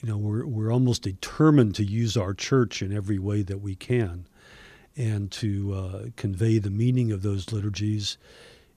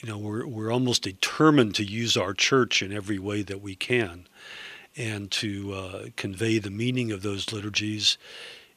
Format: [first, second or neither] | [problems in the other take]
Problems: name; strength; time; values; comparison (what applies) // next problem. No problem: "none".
first | thin; somewhat; fading below 1 kHz